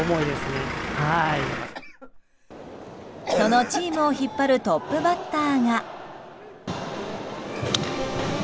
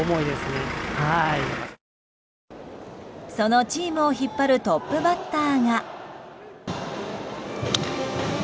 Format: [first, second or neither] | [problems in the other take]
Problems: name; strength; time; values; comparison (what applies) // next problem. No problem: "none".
second | background sound (Cough); 11 dB below the speech